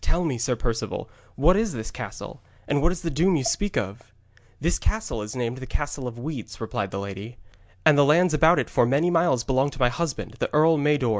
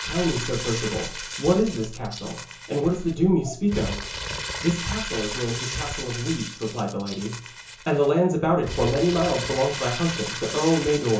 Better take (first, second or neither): first